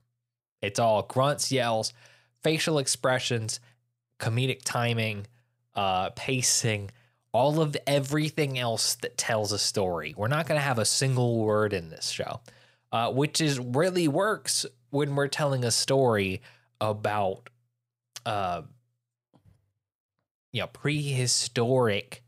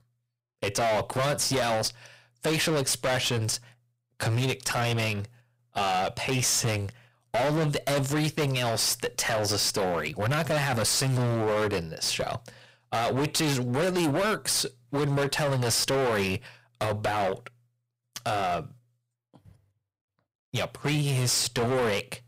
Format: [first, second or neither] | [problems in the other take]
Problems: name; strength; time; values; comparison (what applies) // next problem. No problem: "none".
first | distortion; heavy; 23% of the sound clipped